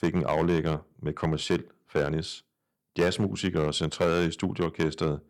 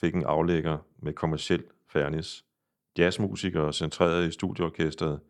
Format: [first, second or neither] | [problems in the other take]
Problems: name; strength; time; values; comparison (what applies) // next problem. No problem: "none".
second | distortion; slight; 3% of the sound clipped